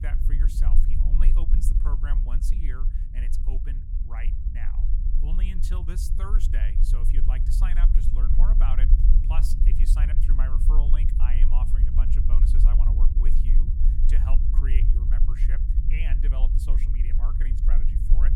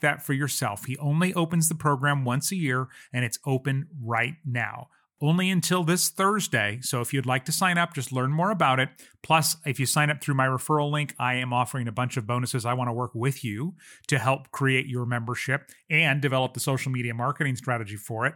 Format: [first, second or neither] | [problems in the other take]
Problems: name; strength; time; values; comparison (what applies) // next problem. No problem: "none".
second | low rumble; loud; throughout; 3 dB below the speech